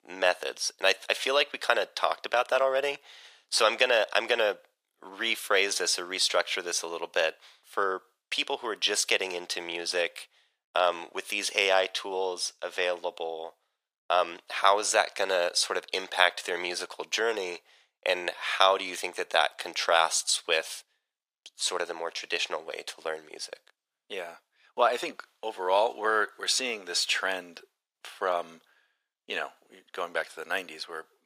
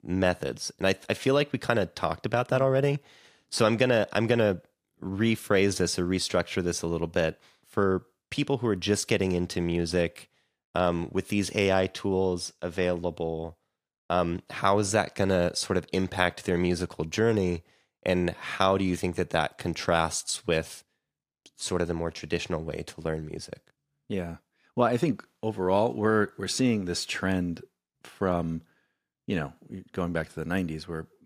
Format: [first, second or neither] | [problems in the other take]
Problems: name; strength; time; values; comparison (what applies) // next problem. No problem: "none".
second | thin; very; fading below 600 Hz